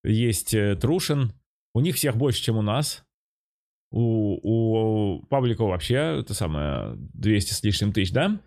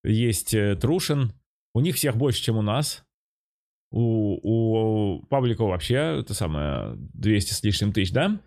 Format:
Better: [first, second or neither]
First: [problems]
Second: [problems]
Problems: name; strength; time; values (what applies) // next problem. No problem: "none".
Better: neither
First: none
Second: none